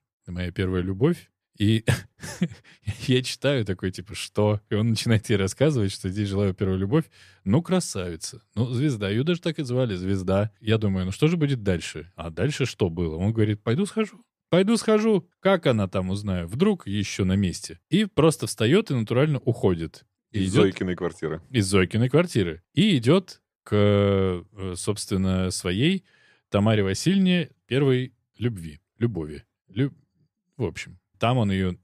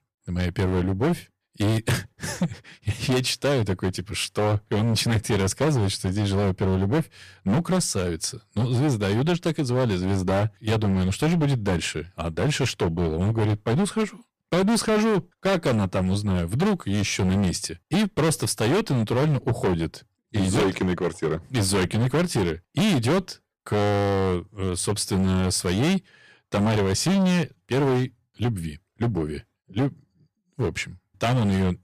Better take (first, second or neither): first